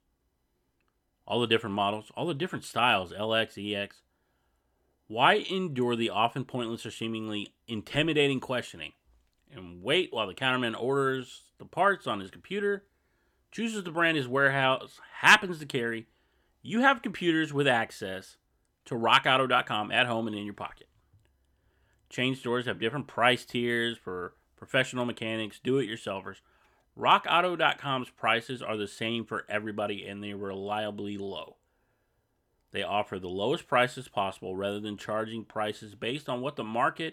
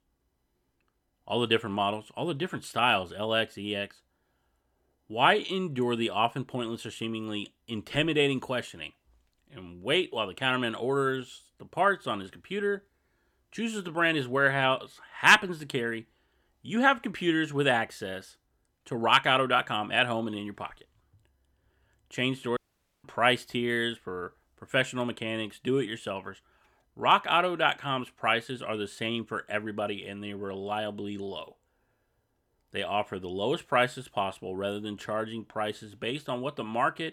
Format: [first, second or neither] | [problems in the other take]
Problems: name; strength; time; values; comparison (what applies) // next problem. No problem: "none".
first | audio cutting out; at 23 s